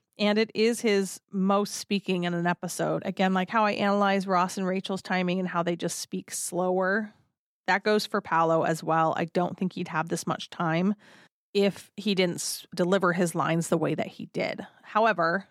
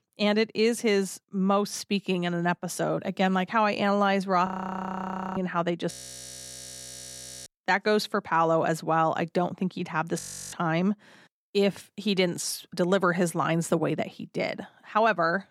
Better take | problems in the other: first | audio freezing; at 4.5 s for 1 s, at 6 s for 1.5 s and at 10 s

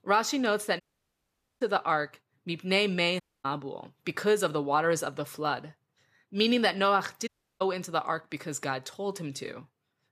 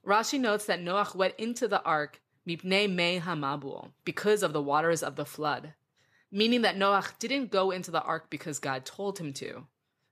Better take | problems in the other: second | audio cutting out; at 1 s for 1 s, at 3 s and at 7.5 s

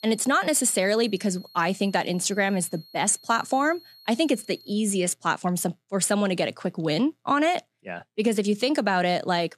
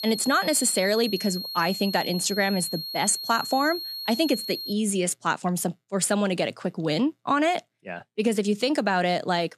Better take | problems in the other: first | high-pitched whine; loud; until 4.5 s; 4.5 kHz, 7 dB below the speech; faint in the first

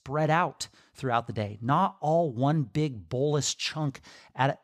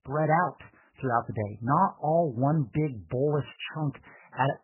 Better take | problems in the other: first | garbled, watery; badly; nothing above 3 kHz

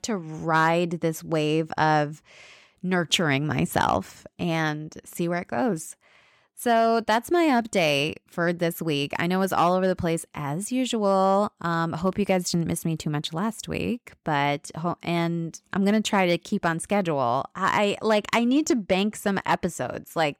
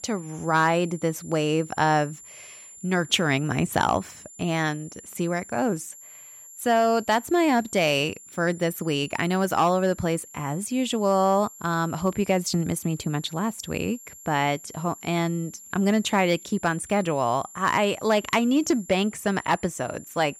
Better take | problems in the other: first | high-pitched whine; noticeable; throughout; 7.5 kHz, 20 dB below the speech

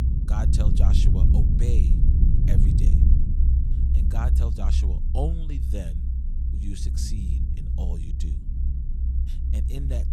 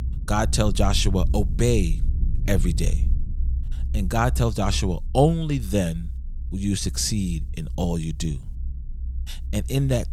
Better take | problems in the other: second | low rumble; loud; throughout; as loud as the speech; faint in the second

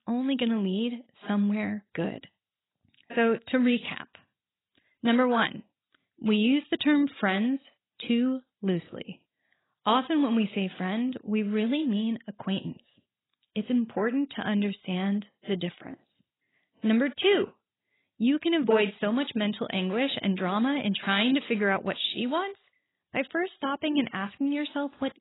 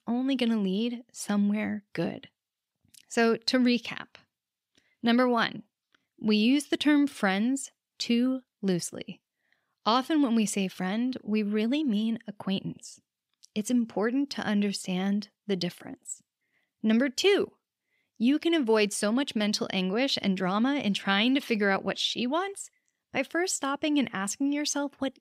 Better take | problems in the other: second | garbled, watery; badly; nothing above 4 kHz

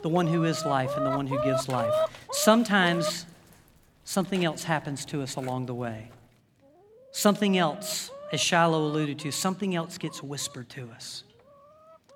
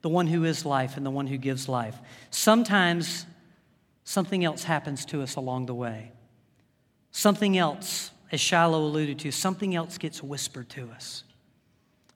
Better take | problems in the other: second | animal sounds; loud; throughout; 6 dB below the speech

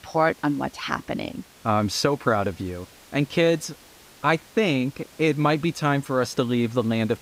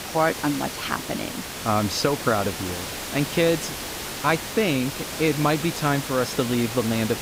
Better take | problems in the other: first | hiss; loud; throughout; 6 dB below the speech; faint in the first

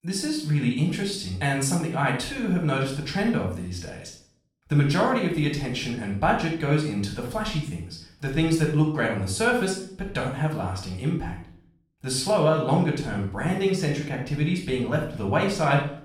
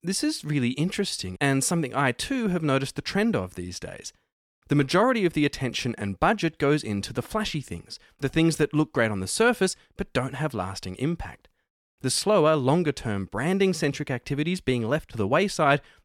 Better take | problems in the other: second | off-mic speech; far // room echo; noticeable; dies away in 0.5 s

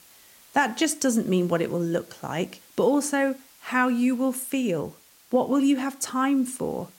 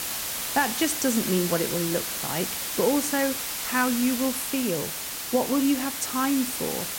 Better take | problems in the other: first | hiss; loud; throughout; 2 dB below the speech; faint in the first

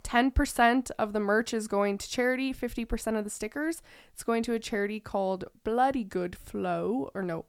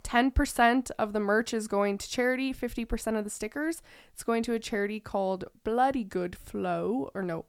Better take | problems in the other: neither | none

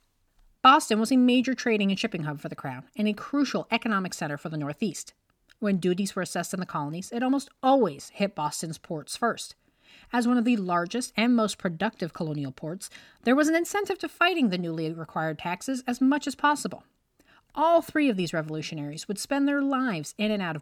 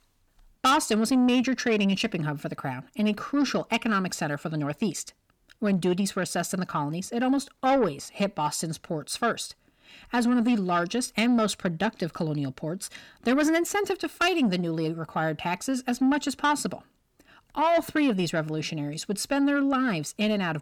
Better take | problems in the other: first | distortion; slight; 10 dB below the speech

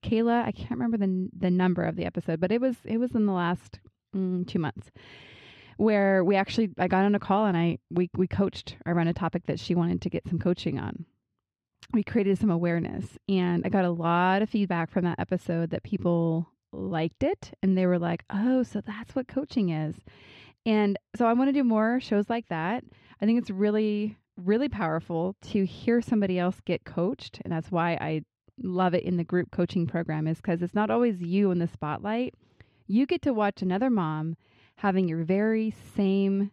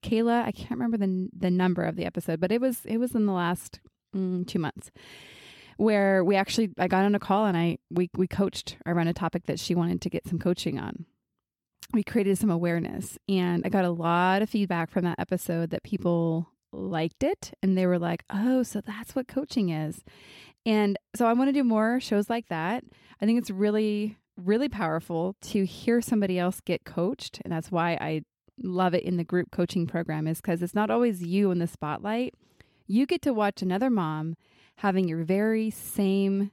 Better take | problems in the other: second | muffled; very slightly; fading above 3.5 kHz

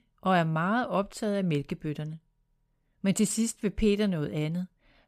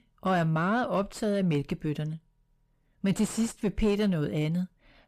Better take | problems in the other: first | distortion; slight; 10 dB below the speech

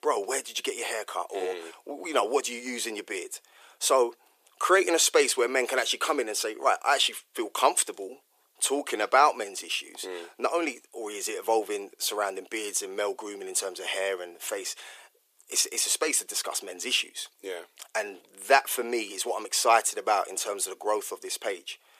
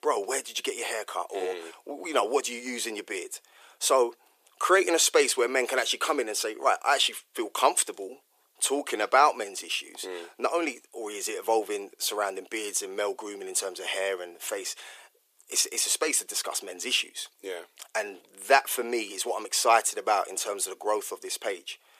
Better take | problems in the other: neither | thin; very; fading below 400 Hz; the same in both

